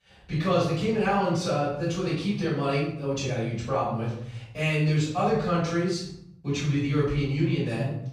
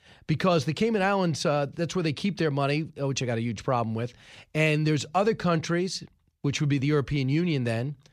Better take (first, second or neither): second